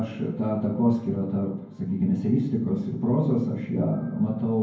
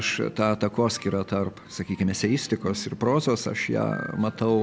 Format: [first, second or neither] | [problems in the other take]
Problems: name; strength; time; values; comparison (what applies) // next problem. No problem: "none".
second | room echo; dies away in 0.9 s